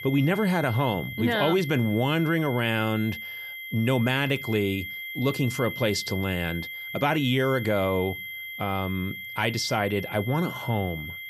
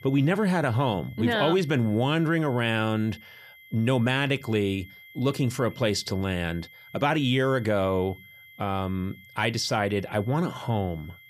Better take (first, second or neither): second